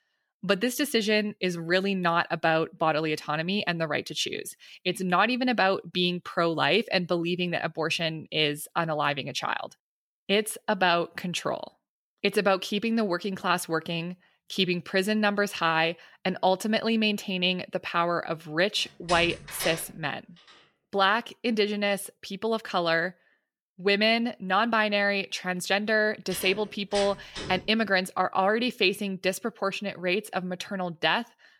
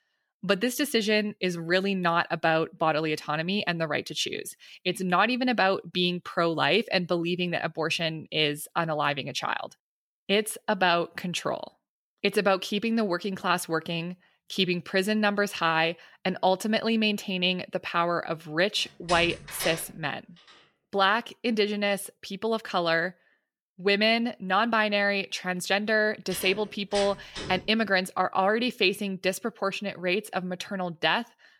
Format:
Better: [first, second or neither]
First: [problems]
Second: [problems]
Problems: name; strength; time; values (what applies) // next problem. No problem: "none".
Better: neither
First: door banging; noticeable; from 19 to 28 s; peak 8 dB below the speech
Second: door banging; noticeable; from 19 to 28 s; peak 8 dB below the speech